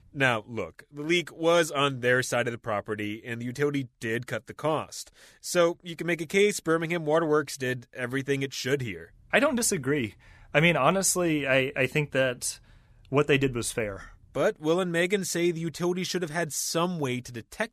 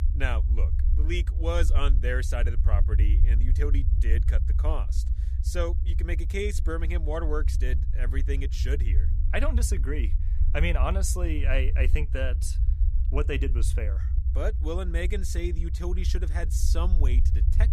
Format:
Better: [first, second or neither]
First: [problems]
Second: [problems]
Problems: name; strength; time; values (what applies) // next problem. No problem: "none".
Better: first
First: none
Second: low rumble; noticeable; throughout; 10 dB below the speech